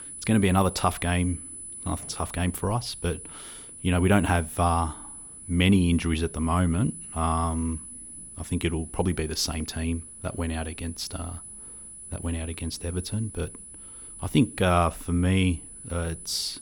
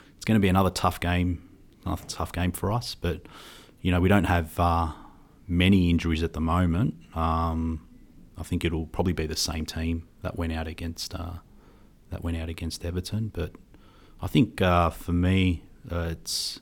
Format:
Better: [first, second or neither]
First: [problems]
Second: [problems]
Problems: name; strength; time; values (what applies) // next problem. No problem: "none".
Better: second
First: high-pitched whine; noticeable; throughout; 10 kHz, 10 dB below the speech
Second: none